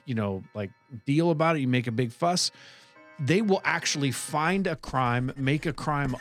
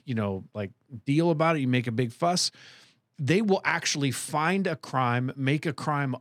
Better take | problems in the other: second | household noises; faint; throughout; 25 dB below the speech

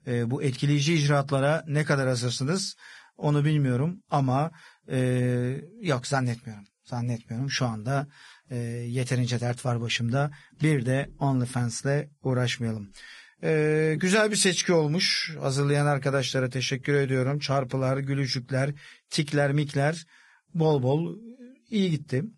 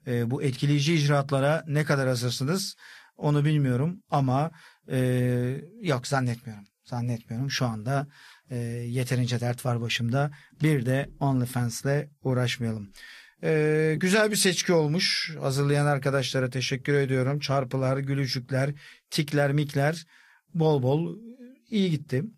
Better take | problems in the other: second | garbled, watery; badly; nothing above 10 kHz; slightly in the second

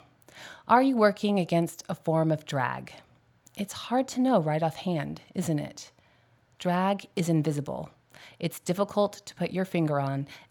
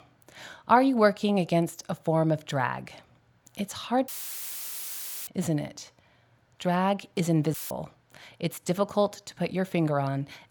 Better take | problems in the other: first | audio cutting out; filled with static; at 4 s for 1 s and at 7.5 s

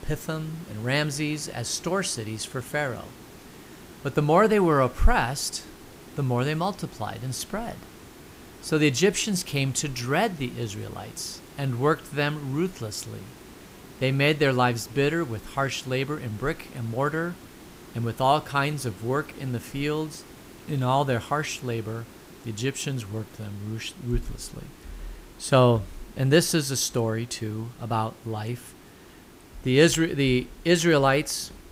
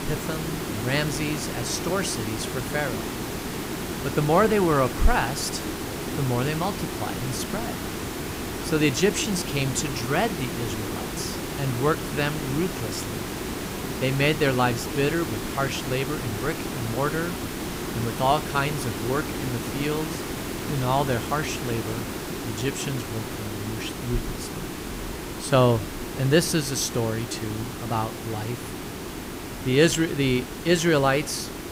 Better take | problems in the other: first | hiss; loud; throughout; 5 dB below the speech; faint in the first

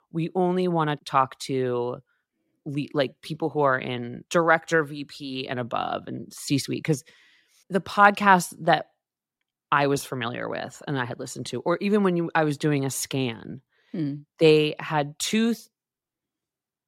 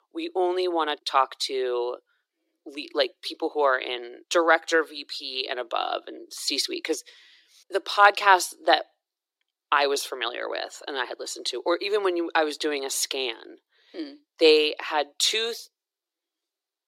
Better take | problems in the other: first | thin; very; fading below 350 Hz

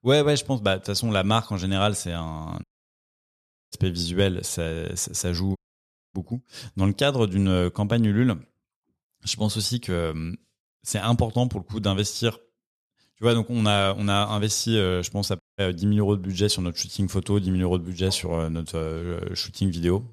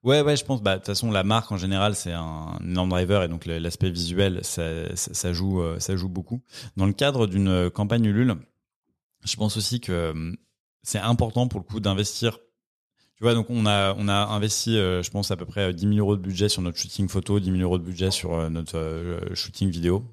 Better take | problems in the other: second | audio cutting out; at 2.5 s for 1 s, at 5.5 s for 0.5 s and at 15 s

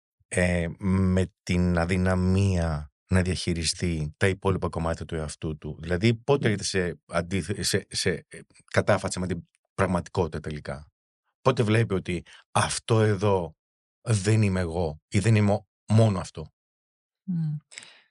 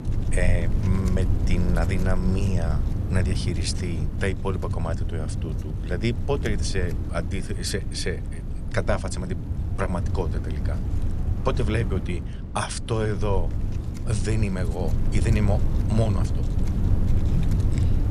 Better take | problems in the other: first | wind noise on the microphone; heavy; 8 dB below the speech

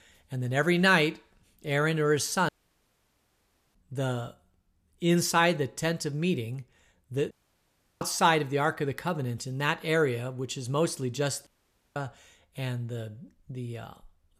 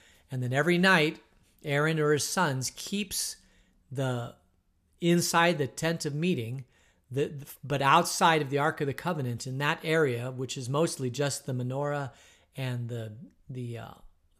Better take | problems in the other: second | audio cutting out; at 2.5 s for 1.5 s, at 7.5 s for 0.5 s and at 11 s

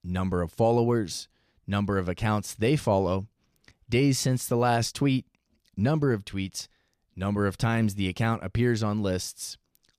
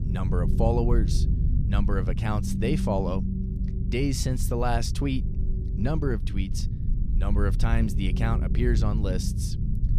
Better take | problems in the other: first | low rumble; loud; throughout; 9 dB below the speech

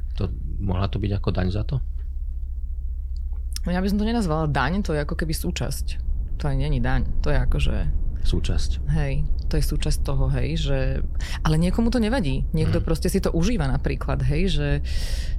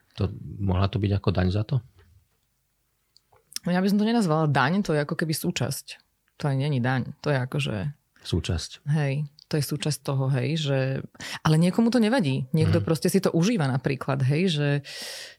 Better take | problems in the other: second | low rumble; faint; throughout; 20 dB below the speech

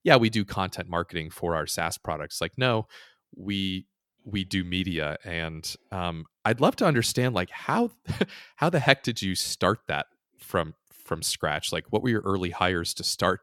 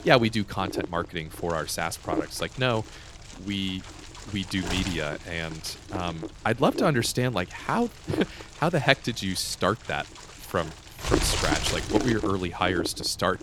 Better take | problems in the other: first | wind noise on the microphone; heavy; 8 dB below the speech

